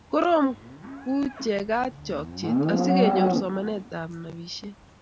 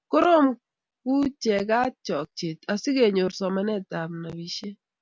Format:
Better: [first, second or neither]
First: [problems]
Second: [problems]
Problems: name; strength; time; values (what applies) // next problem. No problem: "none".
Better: second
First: background sound (Livestock, farm animals, working animals); 1 dB below the speech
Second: none